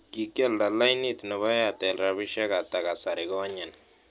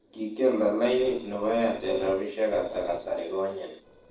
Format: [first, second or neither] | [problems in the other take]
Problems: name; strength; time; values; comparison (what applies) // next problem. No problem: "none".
first | noise reduction (neural separator model SepFormer DNS4)